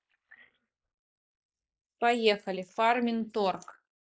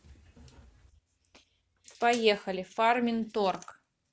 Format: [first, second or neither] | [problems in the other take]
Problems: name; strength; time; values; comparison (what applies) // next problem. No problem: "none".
second | noise reduction (neural mask model Resemble Enhance denoiser)